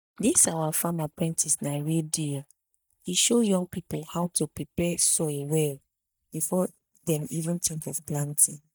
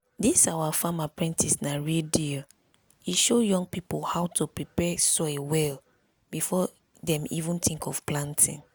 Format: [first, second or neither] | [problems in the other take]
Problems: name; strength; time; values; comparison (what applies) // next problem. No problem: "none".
second | noise reduction (neural mask model DeepFilterNet 3)